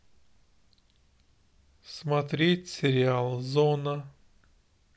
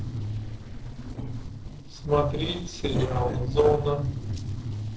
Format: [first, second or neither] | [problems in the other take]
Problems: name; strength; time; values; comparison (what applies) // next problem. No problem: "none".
first | noise reduction (neural separator model SepFormer DNS4)